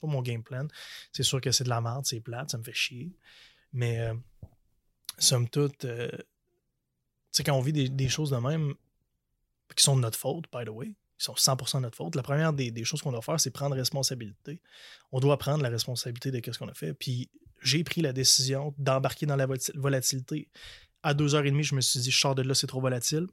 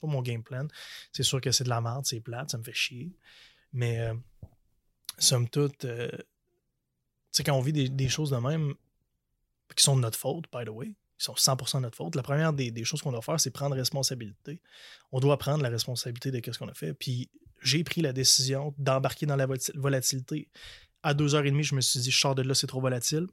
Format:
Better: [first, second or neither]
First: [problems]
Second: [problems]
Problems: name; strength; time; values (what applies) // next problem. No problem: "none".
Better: neither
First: none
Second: none